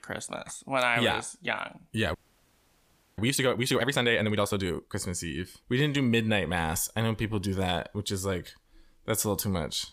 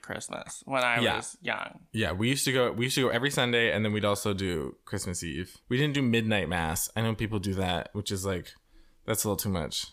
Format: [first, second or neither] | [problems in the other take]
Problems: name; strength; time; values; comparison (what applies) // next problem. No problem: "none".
second | audio freezing; at 2 s for 1 s